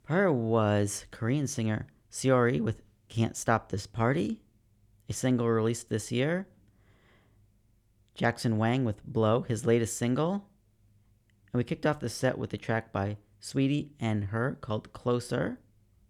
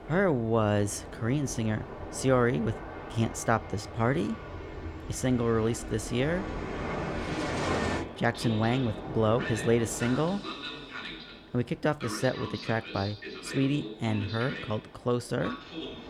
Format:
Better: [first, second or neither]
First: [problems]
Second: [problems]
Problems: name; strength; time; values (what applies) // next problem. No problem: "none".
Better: first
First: none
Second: train or aircraft noise; loud; throughout; 8 dB below the speech